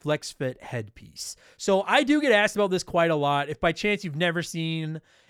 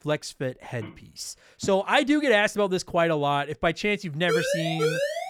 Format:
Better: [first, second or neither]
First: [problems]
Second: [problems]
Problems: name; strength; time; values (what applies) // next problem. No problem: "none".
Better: first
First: none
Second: phone ringing; faint; at 1 s; peak 15 dB below the speech // siren; noticeable; from 4.5 s on; peak 1 dB below the speech